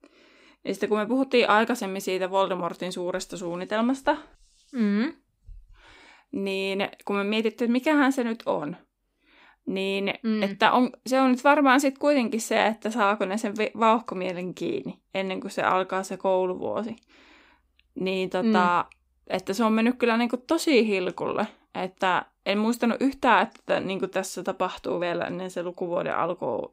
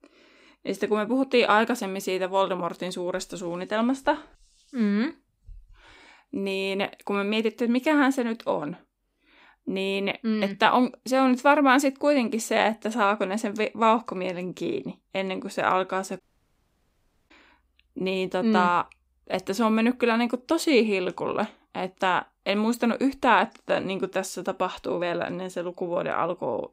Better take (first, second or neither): first